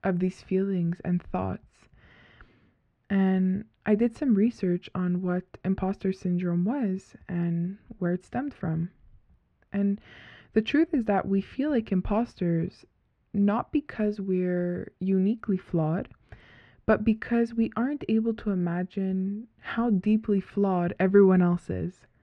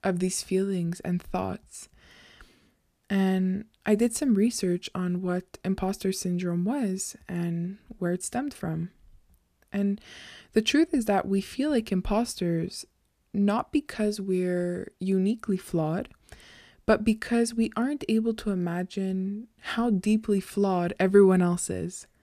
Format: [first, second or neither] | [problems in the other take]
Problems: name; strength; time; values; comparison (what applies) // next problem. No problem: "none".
second | muffled; very; fading above 2 kHz